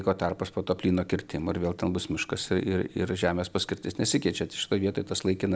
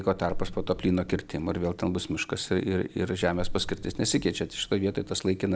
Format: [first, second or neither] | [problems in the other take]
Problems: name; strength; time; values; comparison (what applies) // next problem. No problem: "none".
first | background sound (Car); 9 dB below the speech